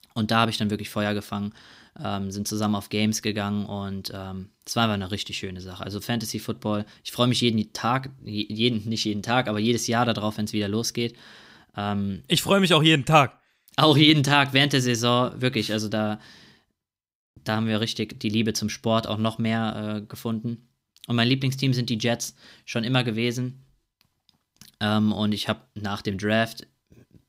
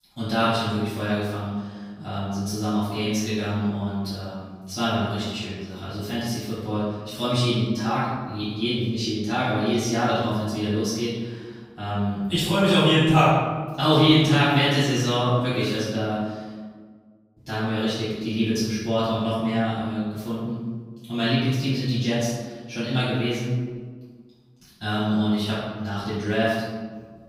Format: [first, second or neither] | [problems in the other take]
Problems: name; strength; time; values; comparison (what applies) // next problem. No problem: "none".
first | off-mic speech; far // room echo; strong; dies away in 1.3 s